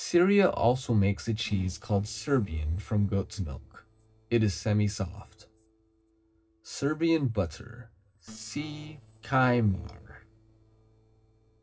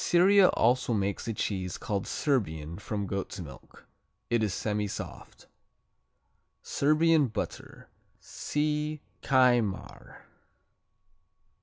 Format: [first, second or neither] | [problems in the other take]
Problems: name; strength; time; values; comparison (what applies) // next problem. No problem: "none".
second | noise reduction (neural separator model SepFormer DNS4)